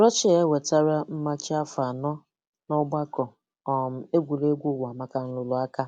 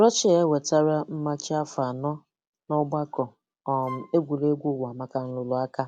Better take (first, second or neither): first